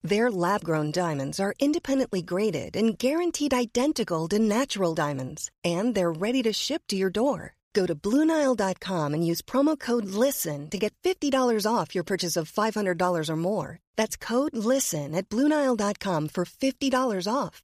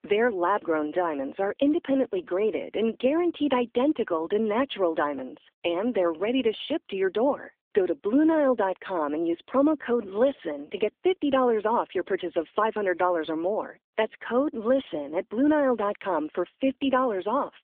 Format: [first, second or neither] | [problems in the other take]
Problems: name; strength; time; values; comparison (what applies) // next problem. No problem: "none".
first | phone-call audio